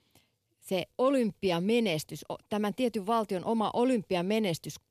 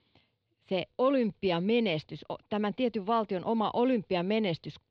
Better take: first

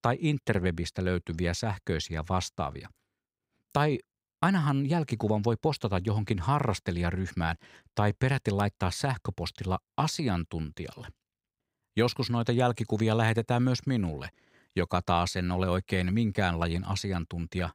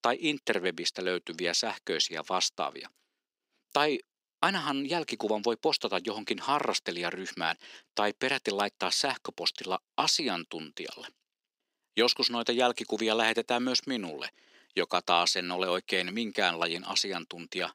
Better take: first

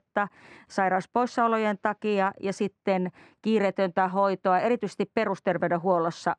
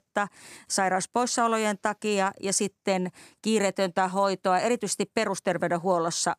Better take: second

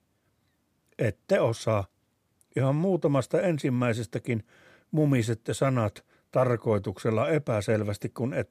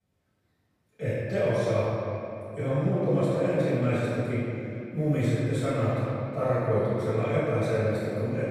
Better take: first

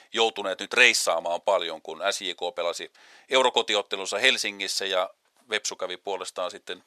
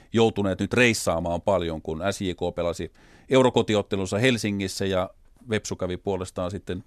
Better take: second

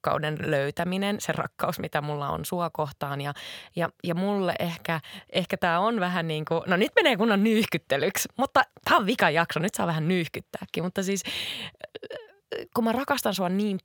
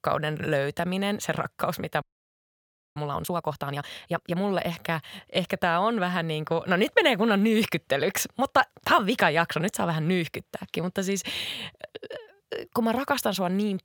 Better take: first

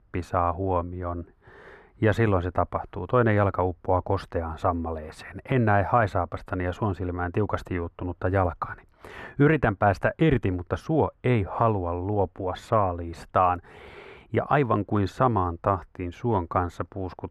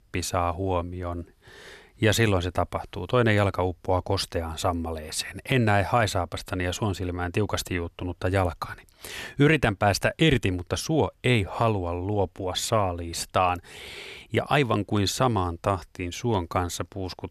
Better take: second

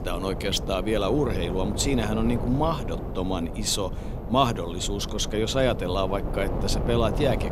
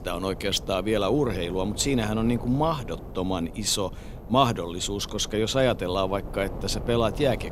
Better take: second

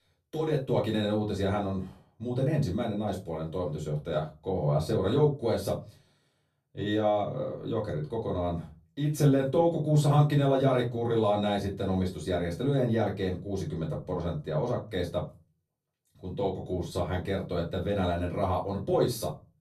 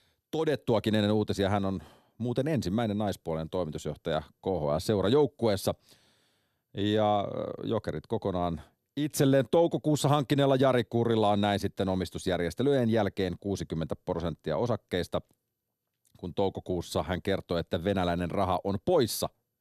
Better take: second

